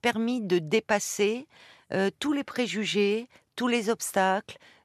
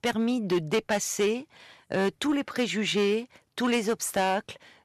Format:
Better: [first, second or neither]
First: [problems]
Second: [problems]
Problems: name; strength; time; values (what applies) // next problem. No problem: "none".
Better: first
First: none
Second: distortion; slight; 7% of the sound clipped